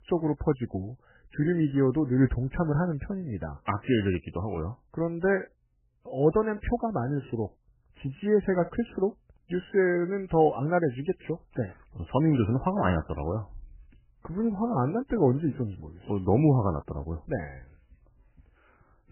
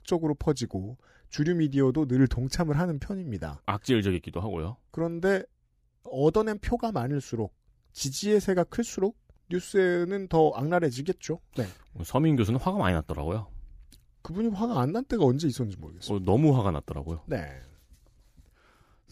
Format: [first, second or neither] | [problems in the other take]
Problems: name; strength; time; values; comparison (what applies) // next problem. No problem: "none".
second | garbled, watery; badly; nothing above 3 kHz